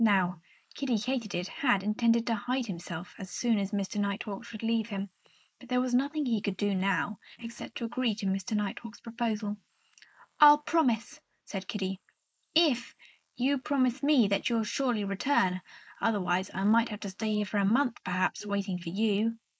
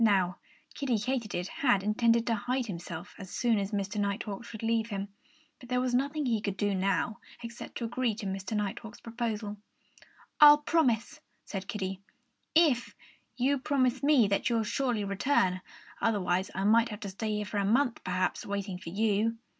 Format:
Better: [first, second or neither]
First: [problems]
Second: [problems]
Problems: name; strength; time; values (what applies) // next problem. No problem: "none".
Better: second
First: noise reduction (neural mask model Resemble Enhance denoiser)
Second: none